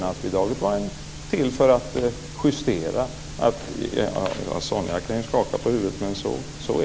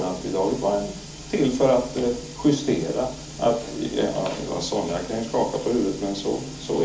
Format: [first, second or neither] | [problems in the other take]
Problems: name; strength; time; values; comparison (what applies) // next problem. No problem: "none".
first | room echo; dies away in 0.4 s